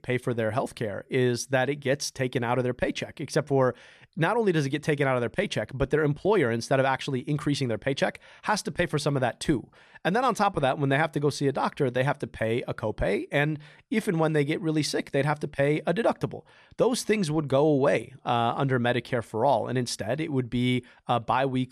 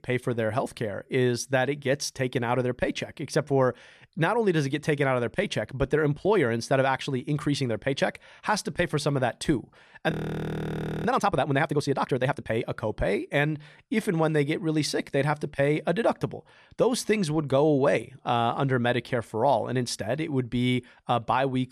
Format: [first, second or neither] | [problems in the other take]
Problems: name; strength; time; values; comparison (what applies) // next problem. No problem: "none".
first | audio freezing; at 10 s for 1 s